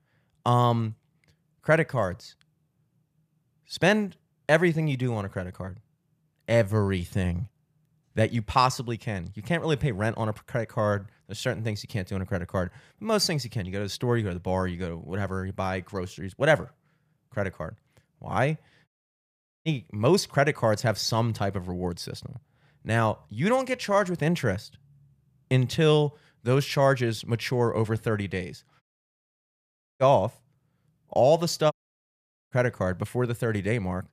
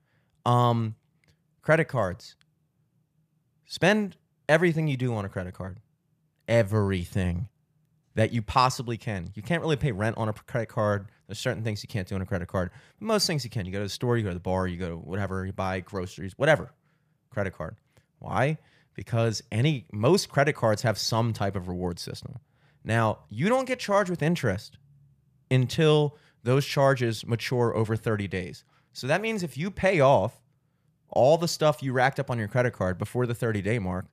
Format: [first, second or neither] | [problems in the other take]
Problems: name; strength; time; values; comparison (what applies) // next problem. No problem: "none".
second | audio cutting out; at 19 s for 1 s, at 29 s for 1 s and at 32 s for 1 s